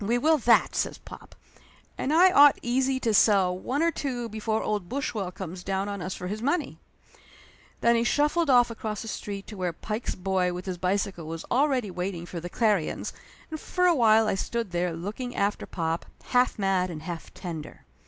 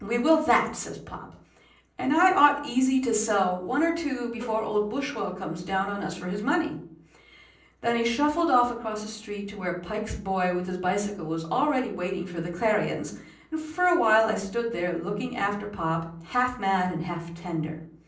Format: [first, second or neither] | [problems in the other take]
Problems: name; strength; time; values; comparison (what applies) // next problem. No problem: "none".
first | noise reduction (neural separator model SepFormer DNS4)